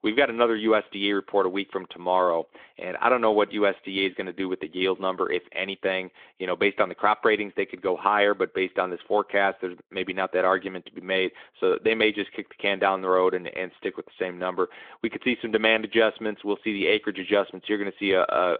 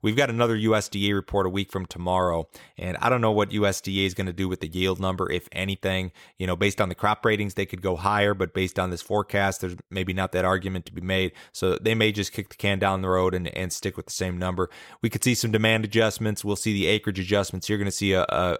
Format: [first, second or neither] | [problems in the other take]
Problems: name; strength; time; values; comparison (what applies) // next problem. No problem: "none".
second | phone-call audio; nothing above 3.5 kHz